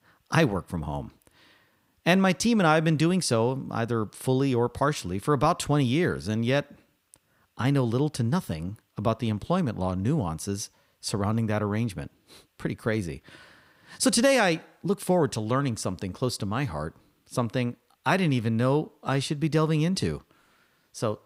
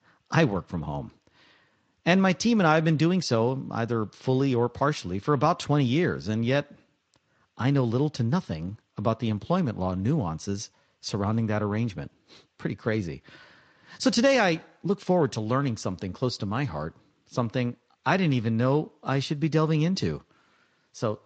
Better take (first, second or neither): first